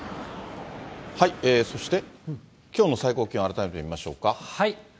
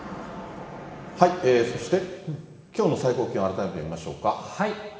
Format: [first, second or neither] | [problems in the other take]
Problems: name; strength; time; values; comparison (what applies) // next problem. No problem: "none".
first | room echo; dies away in 2 s